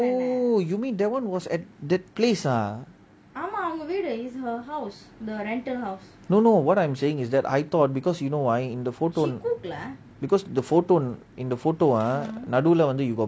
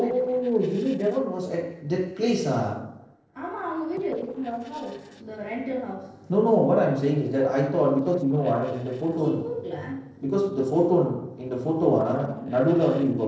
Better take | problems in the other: first | noise reduction (neural separator model SepFormer DNS4)

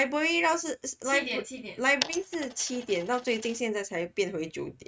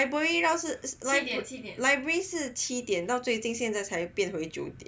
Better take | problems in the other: second | noise reduction (neural mask model RNNoise)

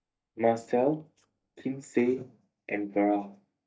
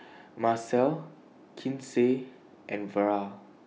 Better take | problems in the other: second | noise reduction (neural mask model DeepFilterNet 3)

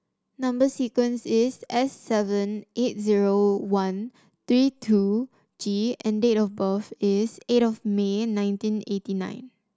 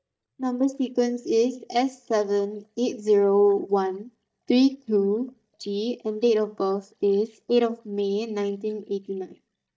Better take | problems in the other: first | noise reduction (neural mask model DeepFilterNet 3)

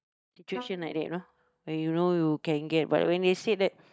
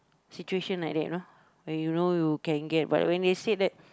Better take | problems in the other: second | noise reduction (neural mask model DeepFilterNet 3)

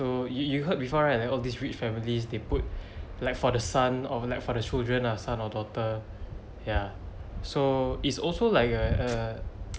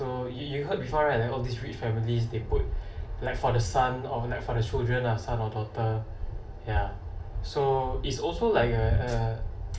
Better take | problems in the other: first | room echo; dies away in 0.3 s

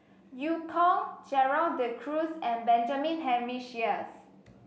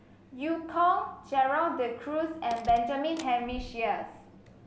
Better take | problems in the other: first | background sound (Slam); 19 dB below the speech

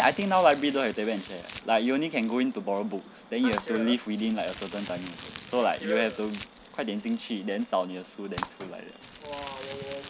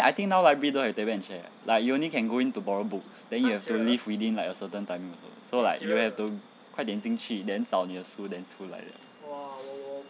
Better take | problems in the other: second | background sound (Crumpling, crinkling); 16 dB below the speech

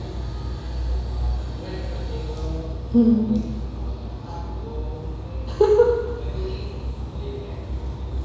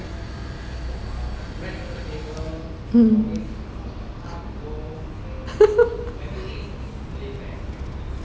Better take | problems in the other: second | room echo; dies away in 1 s

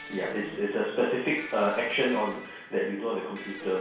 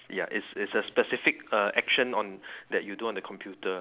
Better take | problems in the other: second | background sound (Electric guitar); 15 dB below the speech // room echo; dies away in 0.6 s

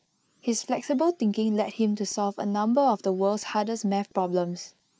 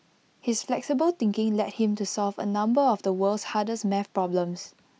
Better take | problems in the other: second | noise reduction (neural mask model Resemble Enhance denoiser)

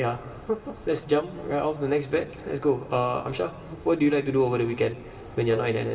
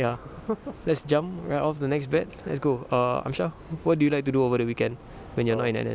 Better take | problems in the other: second | room echo; dies away in 2.1 s

